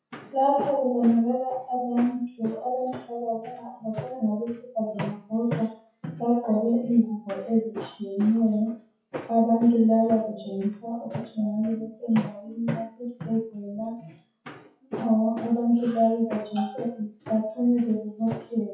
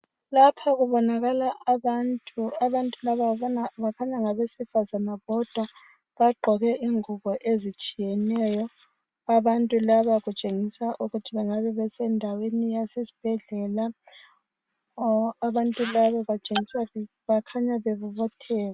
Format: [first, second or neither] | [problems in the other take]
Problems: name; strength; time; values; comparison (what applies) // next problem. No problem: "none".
second | noise reduction (classical method WPE with log-MMSE)